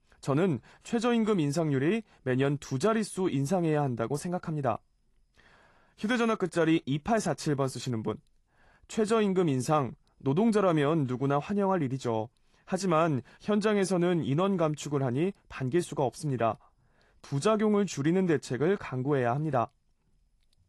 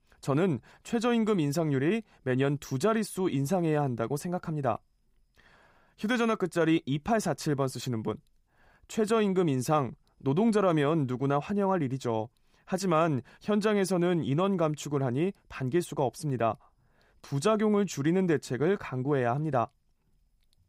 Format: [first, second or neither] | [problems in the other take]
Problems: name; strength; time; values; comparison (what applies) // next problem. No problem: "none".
second | garbled, watery; slightly; nothing above 11.5 kHz